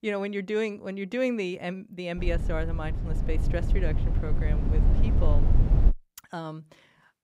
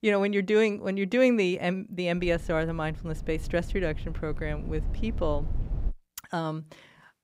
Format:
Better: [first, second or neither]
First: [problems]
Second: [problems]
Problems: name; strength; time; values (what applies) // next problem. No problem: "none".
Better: second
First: low rumble; loud; from 2 to 6 s; 7 dB below the speech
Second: low rumble; faint; from 2 to 6 s; 20 dB below the speech